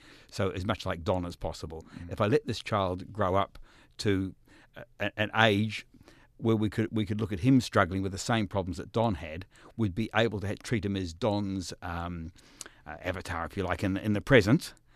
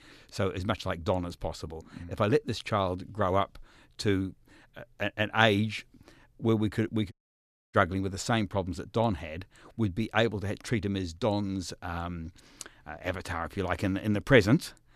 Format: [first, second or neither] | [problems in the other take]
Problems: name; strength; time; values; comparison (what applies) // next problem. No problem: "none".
first | audio cutting out; at 7 s for 0.5 s